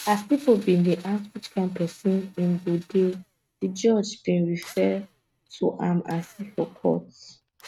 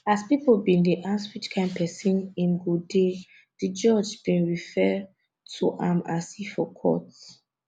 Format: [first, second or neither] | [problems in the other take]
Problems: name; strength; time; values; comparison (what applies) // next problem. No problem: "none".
second | noise reduction (neural mask model RNNoise)